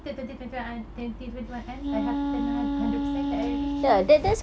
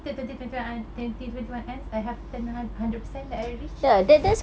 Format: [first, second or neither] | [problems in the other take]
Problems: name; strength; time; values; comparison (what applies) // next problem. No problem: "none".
second | background sound (Wind instrument, woodwind instrument); 2 dB below the speech